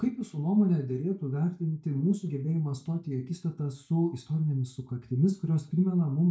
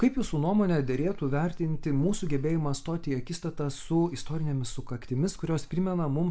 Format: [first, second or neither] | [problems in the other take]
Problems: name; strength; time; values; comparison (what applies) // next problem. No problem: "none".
second | noise reduction (neural mask model DeepFilterNet 3)